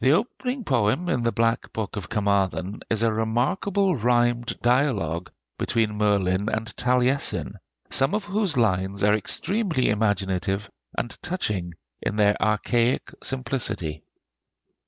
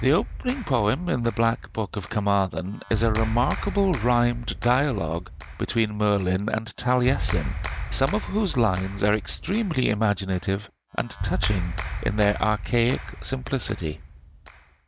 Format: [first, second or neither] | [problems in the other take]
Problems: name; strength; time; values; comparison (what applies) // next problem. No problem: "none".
first | background sound (Clapping); 7 dB below the speech